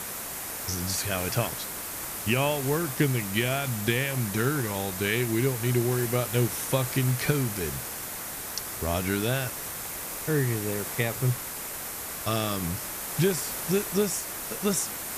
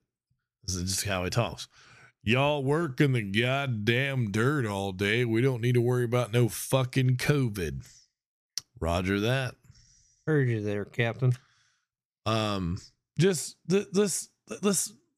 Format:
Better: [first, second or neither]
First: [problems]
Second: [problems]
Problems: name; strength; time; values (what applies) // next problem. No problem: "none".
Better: second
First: hiss; loud; throughout; 4 dB below the speech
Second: none